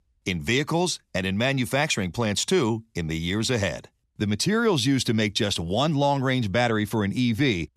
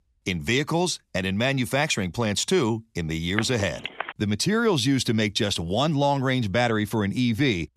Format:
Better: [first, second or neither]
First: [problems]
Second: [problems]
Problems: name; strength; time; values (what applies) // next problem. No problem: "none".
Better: first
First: none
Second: phone ringing; noticeable; at 3.5 s; peak 8 dB below the speech